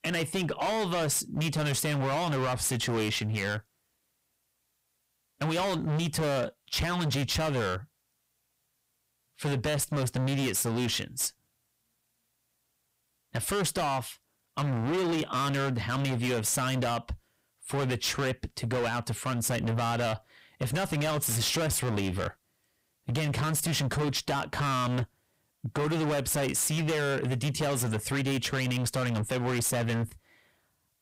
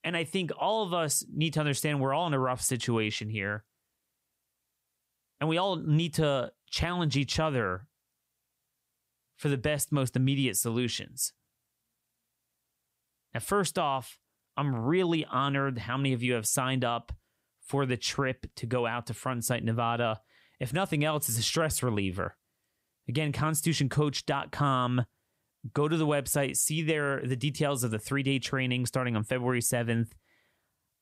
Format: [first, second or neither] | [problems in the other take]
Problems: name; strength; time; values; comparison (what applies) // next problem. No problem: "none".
second | distortion; heavy; 26% of the sound clipped